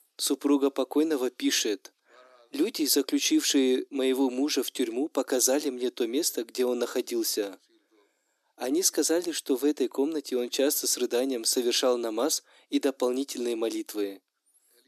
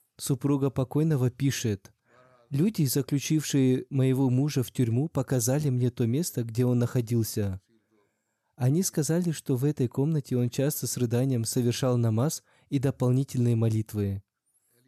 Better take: second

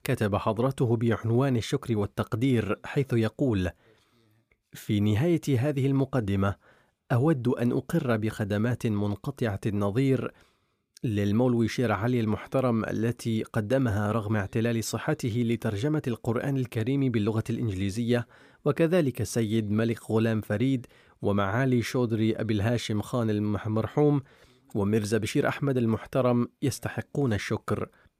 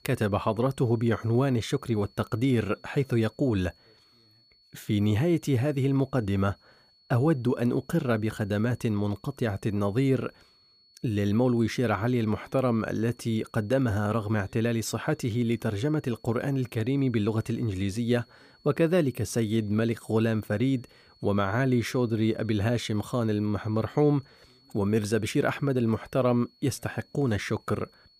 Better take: first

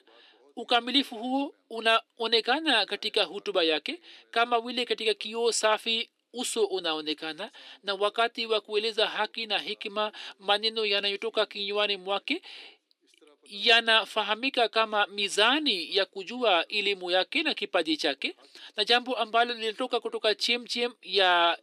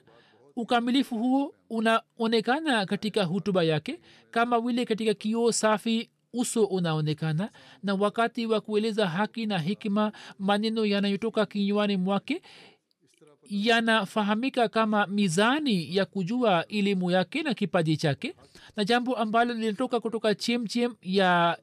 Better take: second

